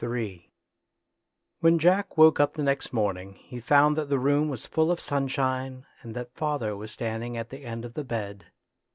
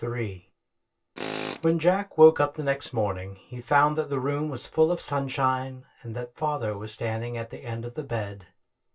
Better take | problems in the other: first | background sound (Tools); 14 dB below the speech // room echo; dies away in 0.2 s

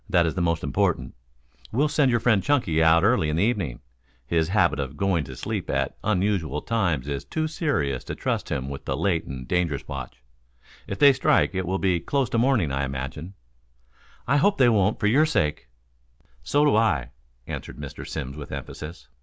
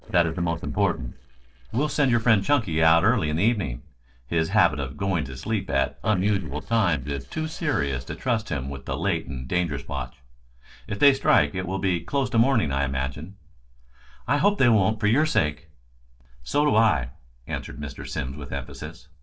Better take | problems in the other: first | noise reduction (neural separator model SepFormer DNS4)

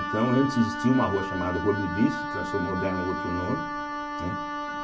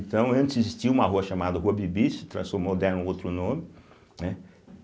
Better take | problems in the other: second | background sound (Wind instrument, woodwind instrument); 4 dB below the speech // room echo; dies away in 0.2 s

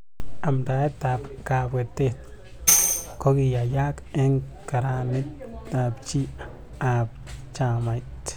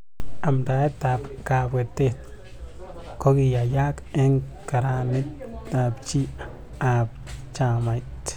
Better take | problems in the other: second | background sound (Tambourine); as loud as the speech

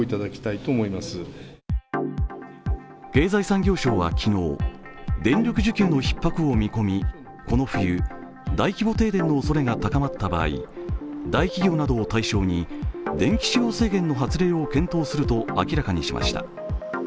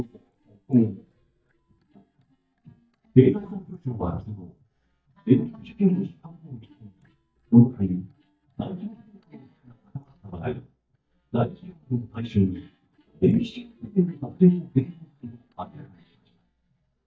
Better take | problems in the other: first | noise reduction (neural mask model DeepFilterNet 3)

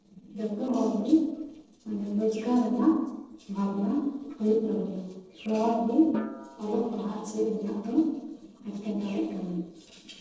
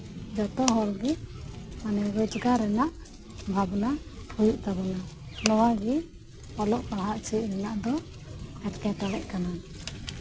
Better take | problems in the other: second | noise reduction (neural separator model SepFormer DNS4)

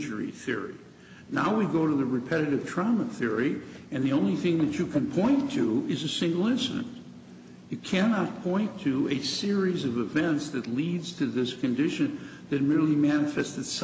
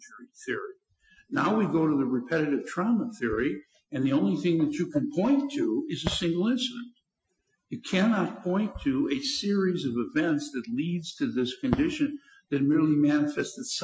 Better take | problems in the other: first | noise reduction (classical method Wiener filter)

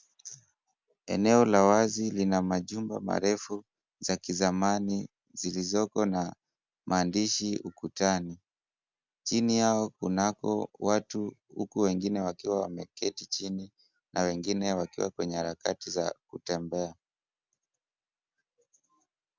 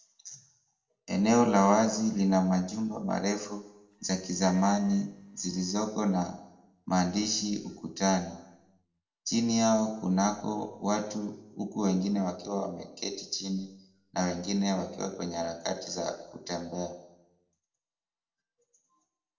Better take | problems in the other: first | noise reduction (neural separator model SepFormer DNS4)

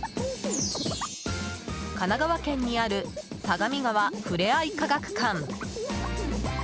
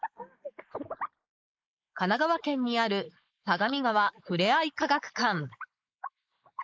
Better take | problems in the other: first | noise reduction (neural mask model Resemble Enhance denoiser)

